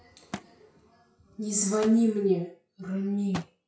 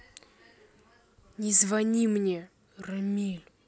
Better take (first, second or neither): second